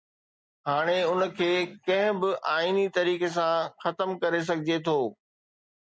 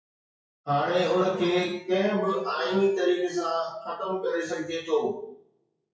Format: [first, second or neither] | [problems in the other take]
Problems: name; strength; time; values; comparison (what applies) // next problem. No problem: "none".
first | noise reduction (classical method WPE with log-MMSE)